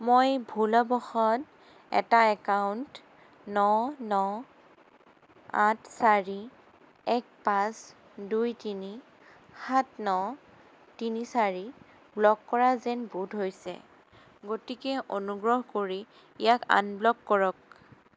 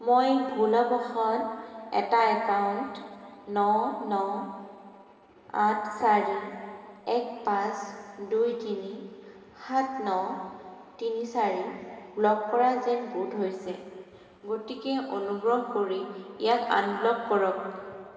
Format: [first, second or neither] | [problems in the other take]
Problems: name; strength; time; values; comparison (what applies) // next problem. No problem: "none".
first | room echo; dies away in 2.3 s